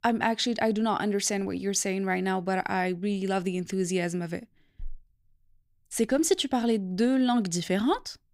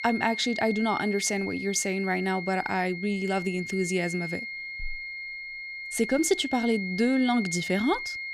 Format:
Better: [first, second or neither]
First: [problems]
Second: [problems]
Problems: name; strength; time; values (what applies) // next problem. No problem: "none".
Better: first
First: none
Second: high-pitched whine; loud; throughout; 2 kHz, 7 dB below the speech